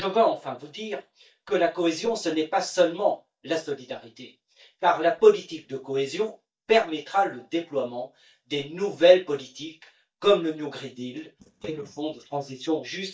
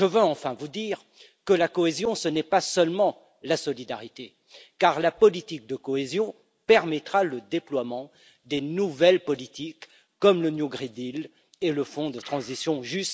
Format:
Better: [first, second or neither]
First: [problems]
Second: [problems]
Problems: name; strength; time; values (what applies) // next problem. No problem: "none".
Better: second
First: noise reduction (neural mask model DeepFilterNet 3)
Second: none